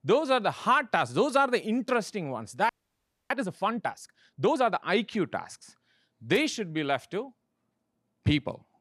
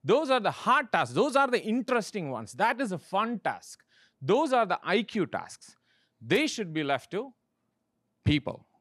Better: second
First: audio freezing; at 2.5 s for 0.5 s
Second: none

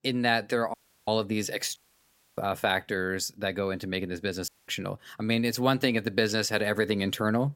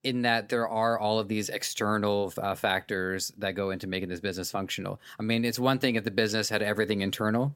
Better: second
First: audio cutting out; at 0.5 s, at 2 s for 0.5 s and at 4.5 s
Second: none

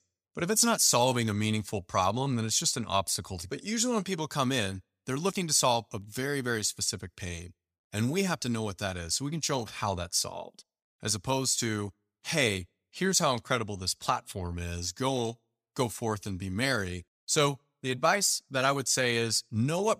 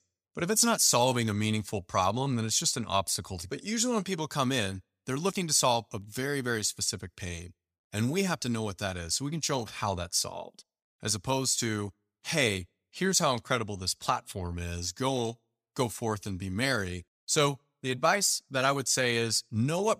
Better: neither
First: none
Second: none

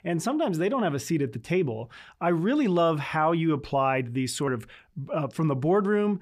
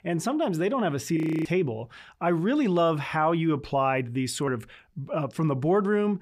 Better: first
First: none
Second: audio freezing; at 1 s

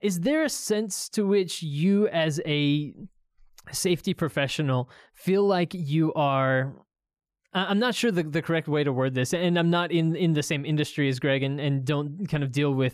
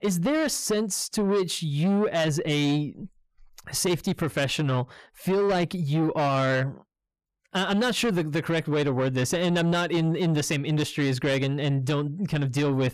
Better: first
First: none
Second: distortion; slight; 10 dB below the speech

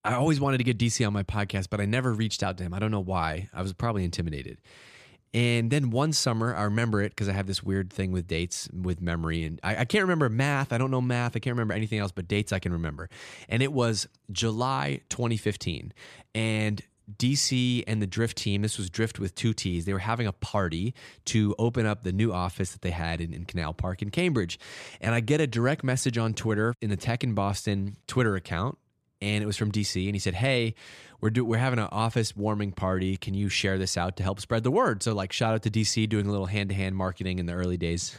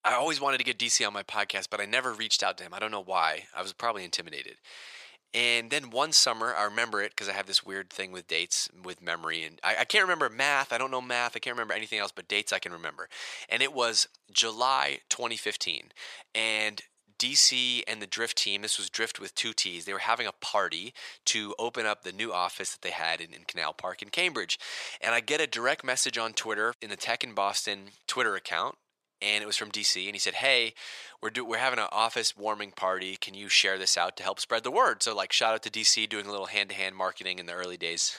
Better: first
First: none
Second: thin; very; fading below 700 Hz

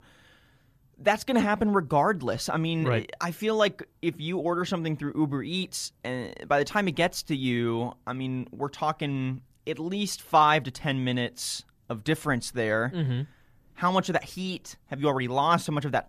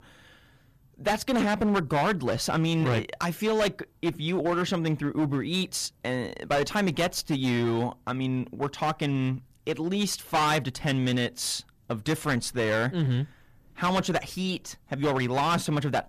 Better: first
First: none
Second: distortion; heavy; 13% of the sound clipped

